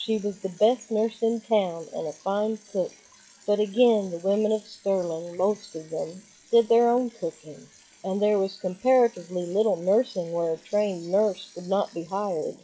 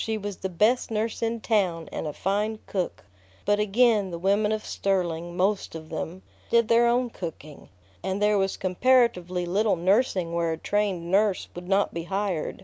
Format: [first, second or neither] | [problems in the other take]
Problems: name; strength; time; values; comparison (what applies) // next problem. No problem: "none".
second | noise reduction (classical method WPE with log-MMSE)